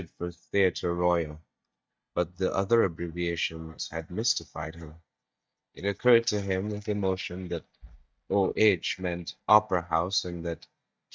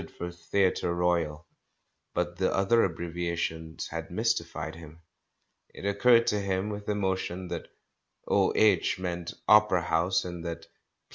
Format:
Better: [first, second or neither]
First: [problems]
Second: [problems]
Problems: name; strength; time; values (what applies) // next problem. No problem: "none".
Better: second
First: noise reduction (neural mask model DeepFilterNet 3)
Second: none